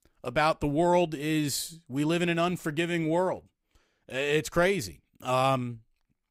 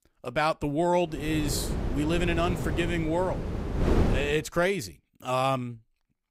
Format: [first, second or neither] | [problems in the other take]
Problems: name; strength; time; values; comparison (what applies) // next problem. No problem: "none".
first | wind noise on the microphone; heavy; from 1 to 4.5 s; 8 dB below the speech